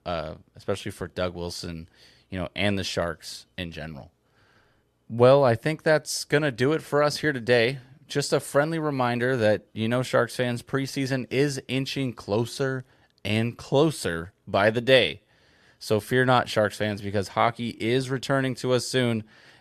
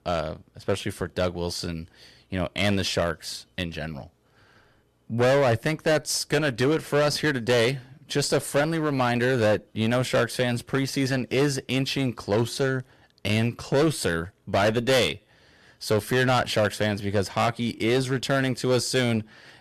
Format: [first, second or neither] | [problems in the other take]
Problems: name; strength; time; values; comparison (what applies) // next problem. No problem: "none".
first | distortion; heavy; 11% of the sound clipped